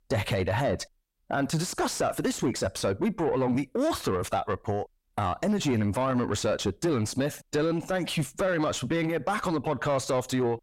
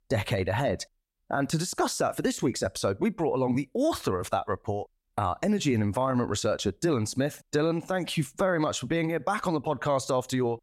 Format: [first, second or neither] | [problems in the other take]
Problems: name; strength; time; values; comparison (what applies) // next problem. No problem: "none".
second | distortion; slight; 10 dB below the speech